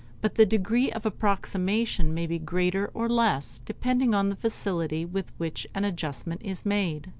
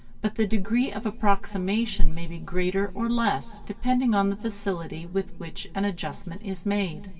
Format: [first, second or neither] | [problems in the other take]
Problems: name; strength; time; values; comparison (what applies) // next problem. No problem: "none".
first | room echo; dies away in 2.7 s